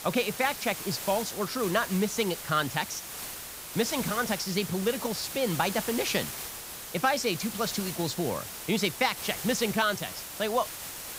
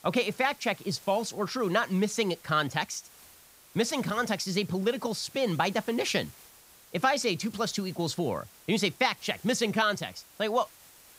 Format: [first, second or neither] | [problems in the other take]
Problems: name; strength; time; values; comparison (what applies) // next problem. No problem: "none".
second | hiss; loud; throughout; 7 dB below the speech; faint in the second